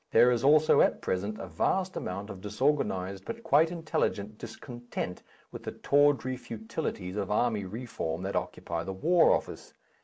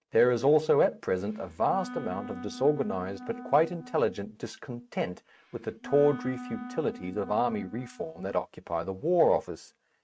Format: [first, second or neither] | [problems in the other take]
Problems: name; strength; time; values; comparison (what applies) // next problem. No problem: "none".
first | noise reduction (neural mask model RNNoise)